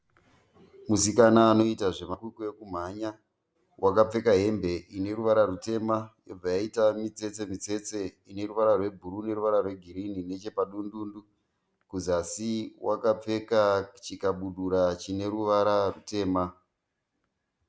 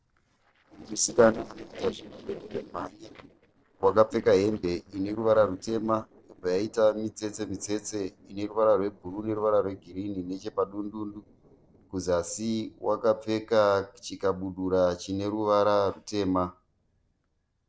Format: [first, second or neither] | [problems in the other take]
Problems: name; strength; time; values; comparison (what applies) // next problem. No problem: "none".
first | noise reduction (neural separator model SepFormer DNS4)